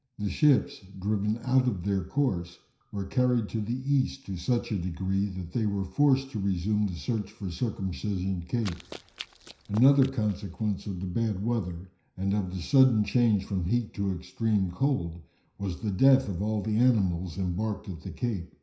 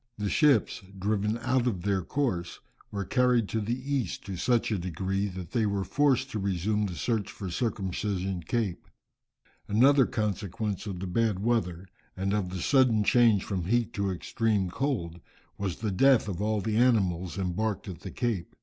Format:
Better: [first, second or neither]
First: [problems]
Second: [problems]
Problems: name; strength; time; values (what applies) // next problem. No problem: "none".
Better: second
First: background sound (Run); 19 dB below the speech // room echo; dies away in 0.5 s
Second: none